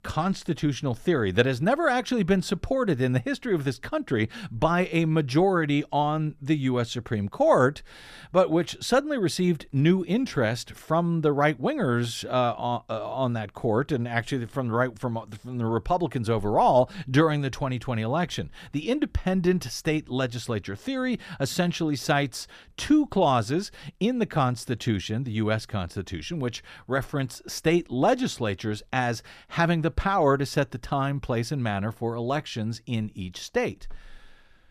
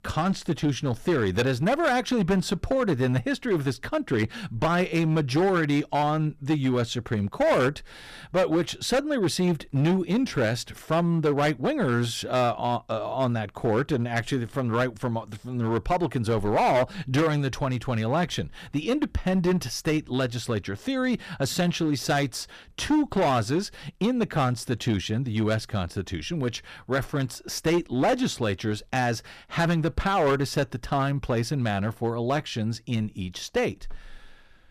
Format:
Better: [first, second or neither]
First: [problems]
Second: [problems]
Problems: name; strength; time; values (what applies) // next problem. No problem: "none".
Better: first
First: none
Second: distortion; slight; 8% of the sound clipped